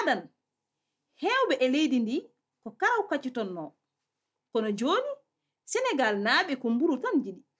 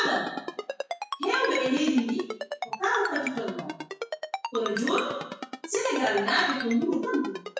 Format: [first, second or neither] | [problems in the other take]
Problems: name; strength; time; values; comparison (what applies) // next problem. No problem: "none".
first | noise reduction (classical method WPE with log-MMSE)